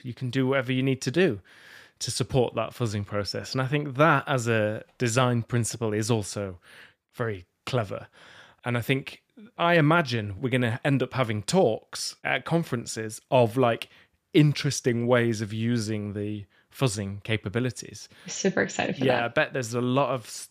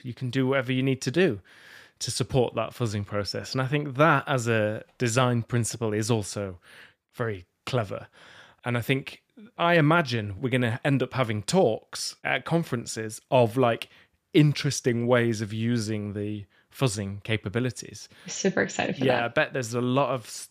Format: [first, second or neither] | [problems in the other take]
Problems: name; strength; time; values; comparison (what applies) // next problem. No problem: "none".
neither | none